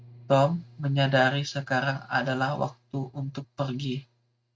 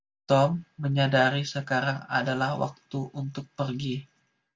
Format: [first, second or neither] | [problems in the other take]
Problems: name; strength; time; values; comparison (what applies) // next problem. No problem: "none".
second | noise reduction (neural mask model RNNoise)